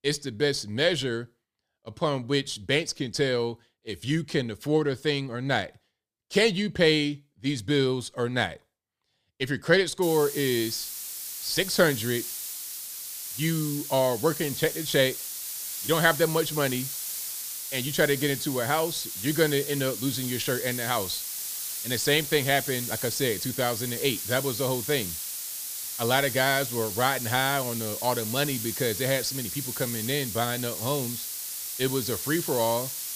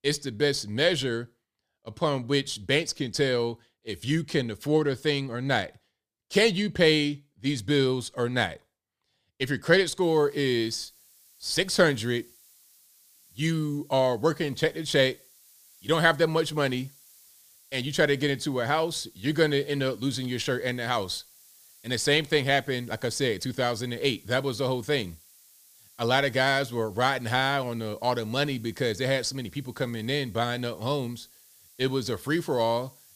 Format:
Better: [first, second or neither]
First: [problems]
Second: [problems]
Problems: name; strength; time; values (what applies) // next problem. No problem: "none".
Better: second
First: hiss; loud; from 10 s on; 5 dB below the speech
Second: hiss; faint; from 10 s on; 25 dB below the speech